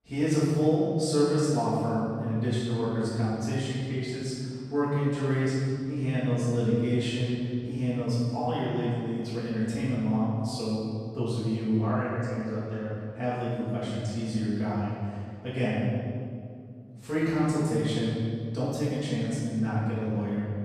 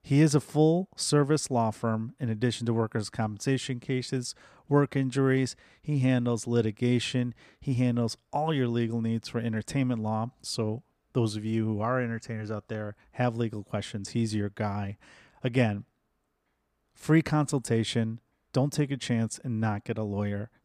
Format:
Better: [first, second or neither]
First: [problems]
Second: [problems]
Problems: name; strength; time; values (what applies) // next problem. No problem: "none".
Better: second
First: room echo; strong; dies away in 2.1 s // off-mic speech; far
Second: none